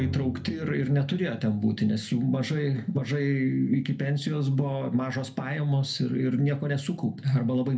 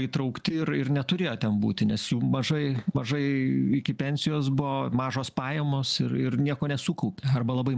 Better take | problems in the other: second | background sound (Drum); 17 dB below the speech // room echo; dies away in 0.3 s

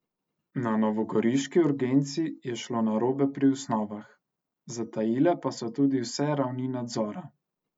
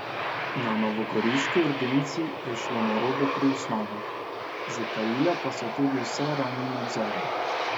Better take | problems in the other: first | background sound (Aircraft); 2 dB below the speech

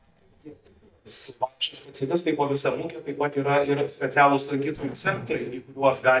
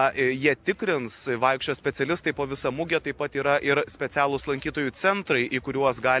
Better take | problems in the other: second | noise reduction (neural mask model DeepFilterNet 3)

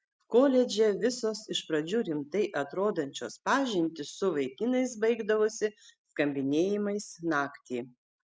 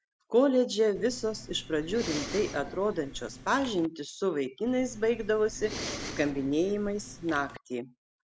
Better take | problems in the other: first | background sound (Respiratory sounds); 12 dB below the speech

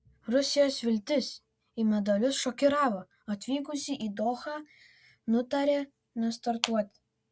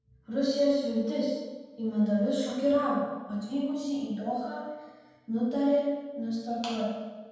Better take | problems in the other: first | room echo; dies away in 1.2 s

